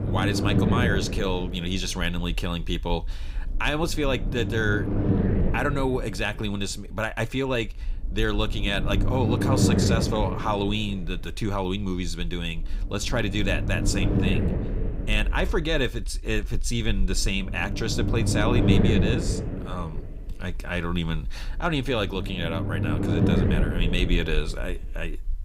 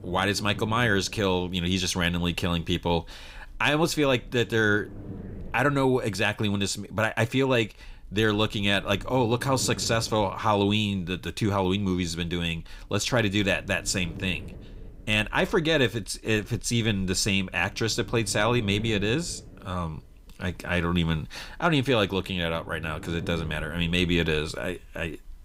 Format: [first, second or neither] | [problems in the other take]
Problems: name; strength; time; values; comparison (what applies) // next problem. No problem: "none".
second | low rumble; loud; throughout; 4 dB below the speech; faint in the second